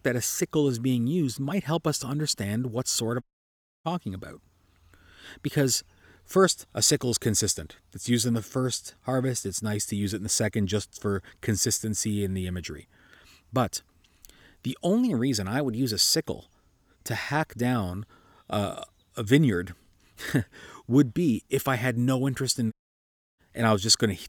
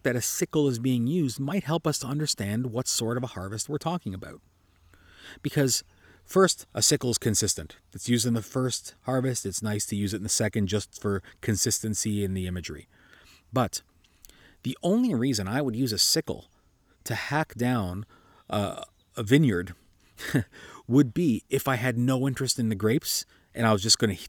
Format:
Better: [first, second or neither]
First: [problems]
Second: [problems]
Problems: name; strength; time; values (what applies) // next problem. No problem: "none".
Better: second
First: audio cutting out; at 3 s for 0.5 s and at 23 s for 0.5 s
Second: none